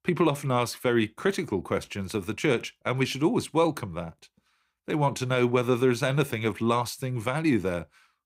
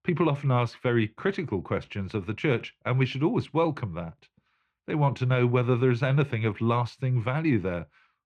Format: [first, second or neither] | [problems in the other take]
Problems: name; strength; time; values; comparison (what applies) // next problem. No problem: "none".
first | muffled; slightly; fading above 2.5 kHz